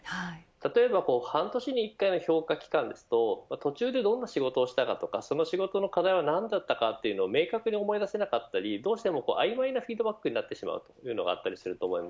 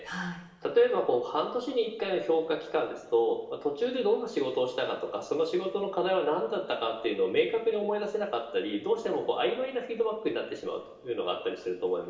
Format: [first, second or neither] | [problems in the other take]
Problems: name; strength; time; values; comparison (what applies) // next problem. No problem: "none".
first | room echo; dies away in 1.1 s